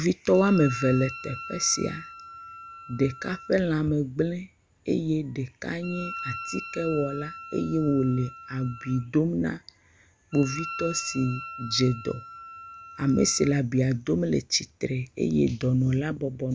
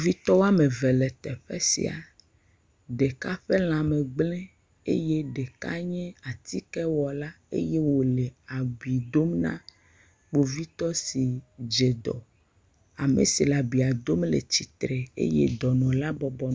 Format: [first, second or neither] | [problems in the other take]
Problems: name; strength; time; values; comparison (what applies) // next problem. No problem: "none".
second | background sound (Wind instrument, woodwind instrument); 13 dB below the speech